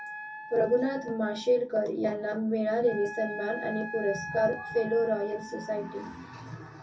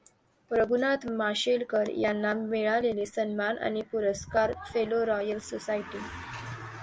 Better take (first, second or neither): second